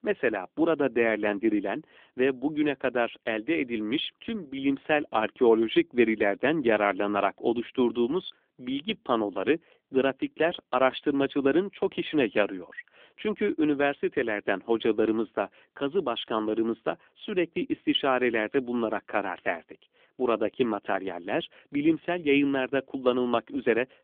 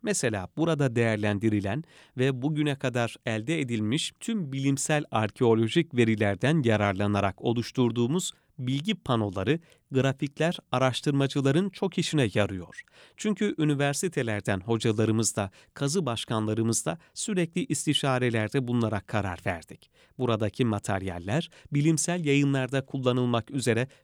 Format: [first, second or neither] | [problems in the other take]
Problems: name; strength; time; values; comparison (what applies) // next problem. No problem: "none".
second | phone-call audio; nothing above 3.5 kHz